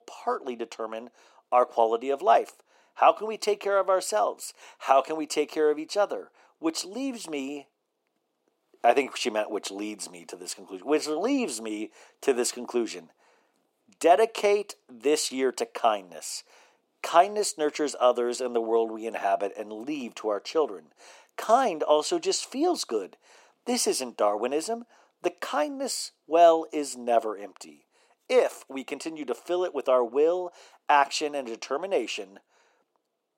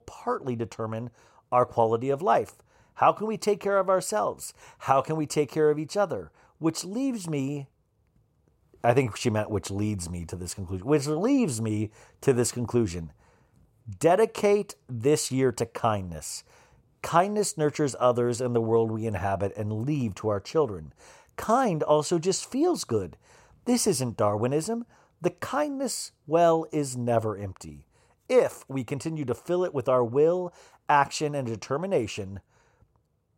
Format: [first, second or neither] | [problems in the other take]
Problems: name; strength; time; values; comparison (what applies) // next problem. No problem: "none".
second | thin; somewhat; fading below 250 Hz